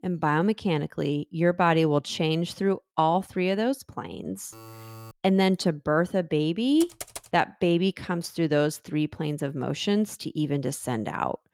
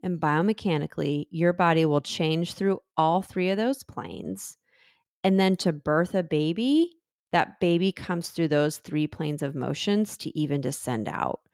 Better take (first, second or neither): second